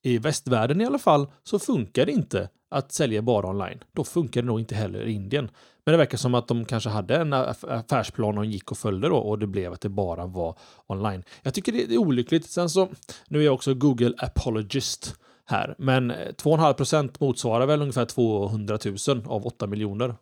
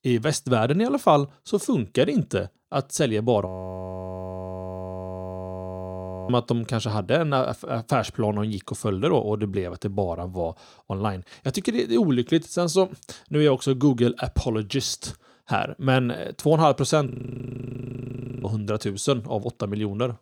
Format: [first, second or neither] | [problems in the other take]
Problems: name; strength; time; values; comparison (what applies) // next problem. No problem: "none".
first | audio freezing; at 3.5 s for 3 s and at 17 s for 1.5 s